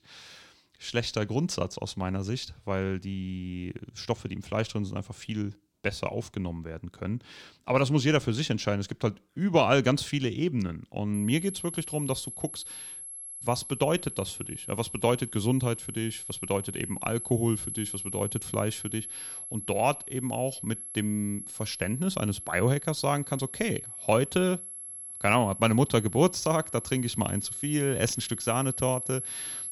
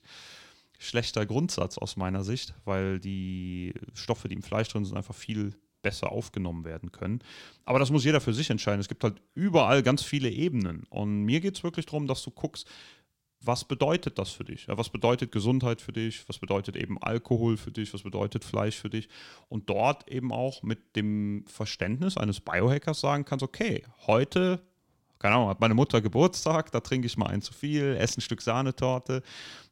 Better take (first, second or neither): second